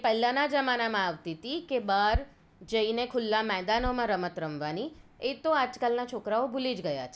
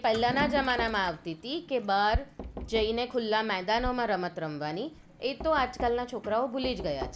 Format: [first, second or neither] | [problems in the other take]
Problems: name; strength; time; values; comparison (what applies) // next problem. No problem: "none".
first | background sound (Knock + Toilet flush / Liquid); 12 dB below the speech